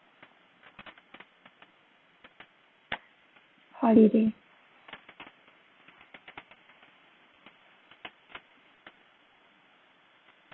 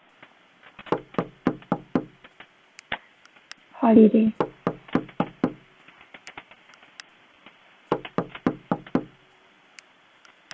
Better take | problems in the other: first | background sound (Knock / Wood); 4 dB below the speech

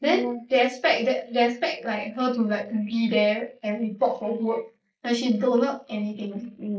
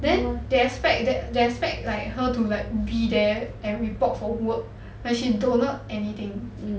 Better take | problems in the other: second | noise reduction (neural mask model Resemble Enhance denoiser)

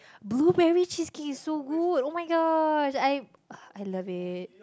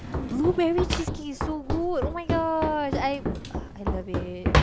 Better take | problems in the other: first | background sound (Run + Drawer open or close); as loud as the speech

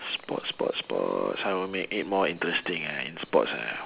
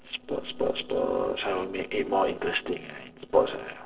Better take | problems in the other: first | noise reduction (neural separator model SepFormer DNS4)

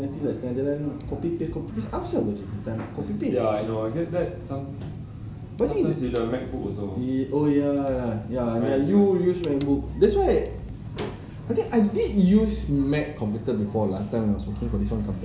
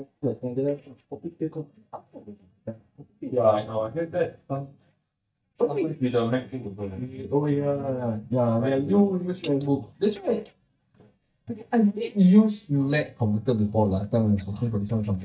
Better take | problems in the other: first | noise reduction (neural mask model DeepFilterNet 3)

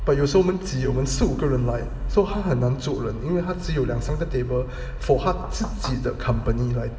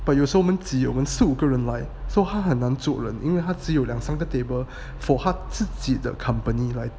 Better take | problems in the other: second | background sound (Knock / Wood); 14 dB below the speech // room echo; dies away in 2.7 s

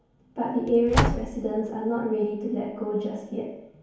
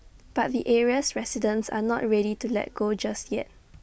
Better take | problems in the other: second | background sound (Slam); 2 dB below the speech // room echo; dies away in 1 s

